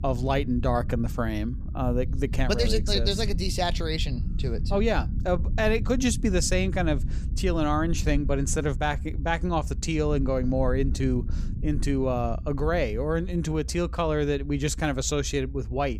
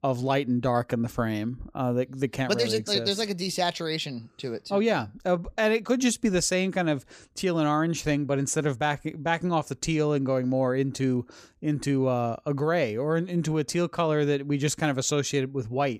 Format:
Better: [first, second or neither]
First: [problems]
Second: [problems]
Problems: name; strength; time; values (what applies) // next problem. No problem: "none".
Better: second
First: low rumble; noticeable; throughout; 20 dB below the speech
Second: none